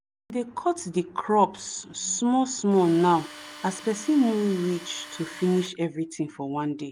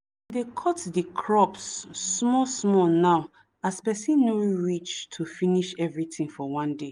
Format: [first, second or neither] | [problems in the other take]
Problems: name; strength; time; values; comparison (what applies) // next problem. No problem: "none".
second | background sound (Tools); 17 dB below the speech